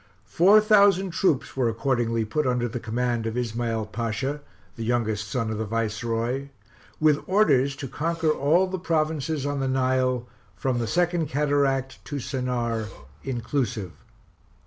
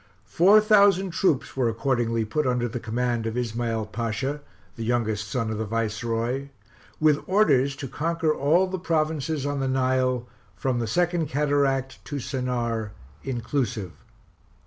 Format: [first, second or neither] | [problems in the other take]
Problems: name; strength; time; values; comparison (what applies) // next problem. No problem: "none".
second | background sound (Burping, eructation); 20 dB below the speech